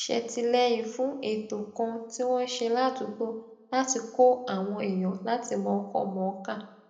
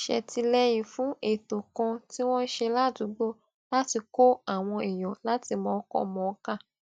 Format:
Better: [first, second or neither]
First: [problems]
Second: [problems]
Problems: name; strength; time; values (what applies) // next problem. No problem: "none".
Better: second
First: room echo; dies away in 0.7 s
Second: none